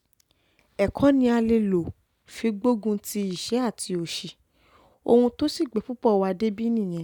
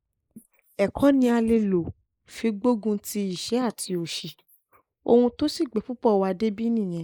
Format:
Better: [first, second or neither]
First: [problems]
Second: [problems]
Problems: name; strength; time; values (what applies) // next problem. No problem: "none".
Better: first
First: none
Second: noise reduction (neural mask model Resemble Enhance denoiser)